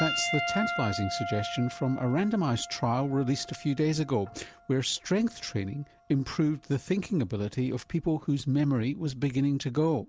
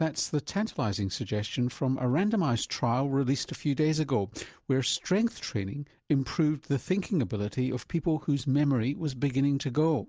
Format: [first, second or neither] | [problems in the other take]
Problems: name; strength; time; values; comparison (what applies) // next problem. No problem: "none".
second | background sound (Piano); 11 dB below the speech